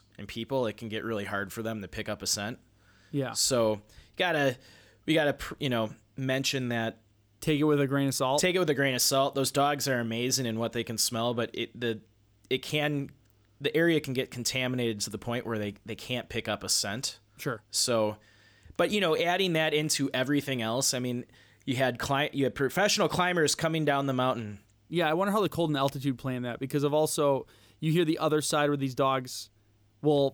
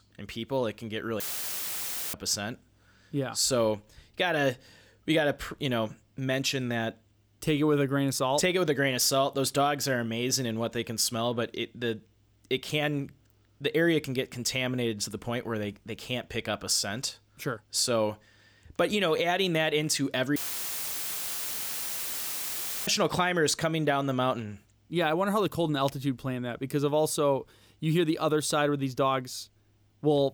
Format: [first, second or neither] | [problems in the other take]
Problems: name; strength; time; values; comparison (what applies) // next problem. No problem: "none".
first | audio cutting out; filled with static; at 1 s for 1 s and at 20 s for 2.5 s